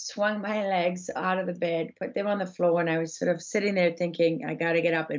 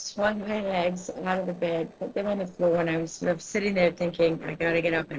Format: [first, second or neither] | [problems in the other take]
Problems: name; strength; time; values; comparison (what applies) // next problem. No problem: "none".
first | noise reduction (neural separator model SepFormer DNS4)